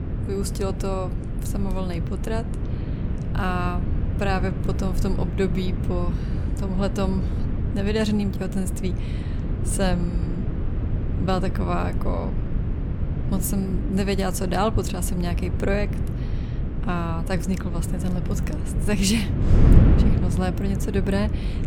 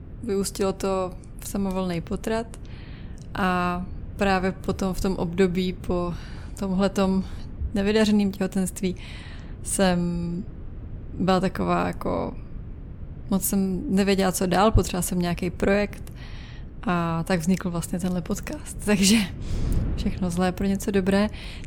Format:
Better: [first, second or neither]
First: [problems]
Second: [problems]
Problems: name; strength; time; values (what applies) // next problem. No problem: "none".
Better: second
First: wind noise on the microphone; heavy; 7 dB below the speech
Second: wind noise on the microphone; occasional gusts; 20 dB below the speech